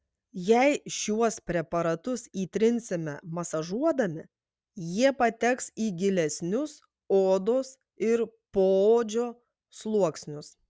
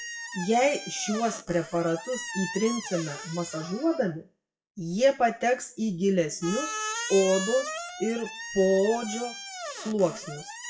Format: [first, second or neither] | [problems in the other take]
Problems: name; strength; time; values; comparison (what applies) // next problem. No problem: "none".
first | noise reduction (classical method WPE with log-MMSE)